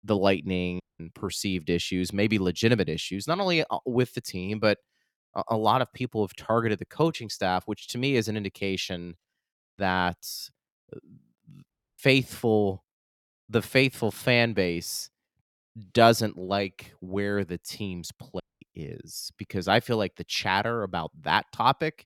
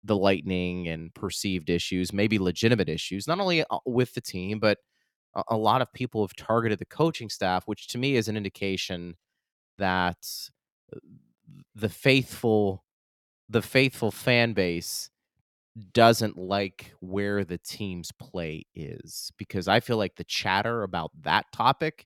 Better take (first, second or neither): second